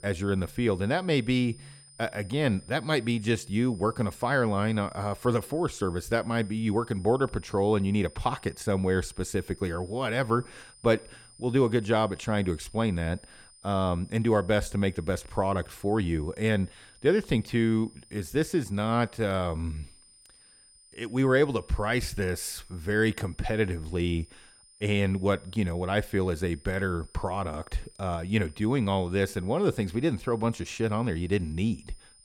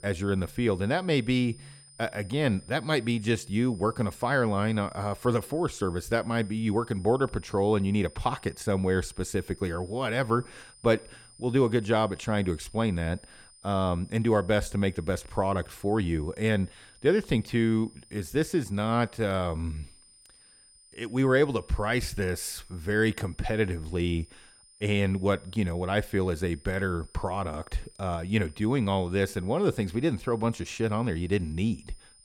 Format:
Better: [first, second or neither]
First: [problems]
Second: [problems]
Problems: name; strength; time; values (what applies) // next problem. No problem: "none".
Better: neither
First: high-pitched whine; faint; throughout; 9 kHz, 25 dB below the speech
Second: high-pitched whine; faint; throughout; 9 kHz, 25 dB below the speech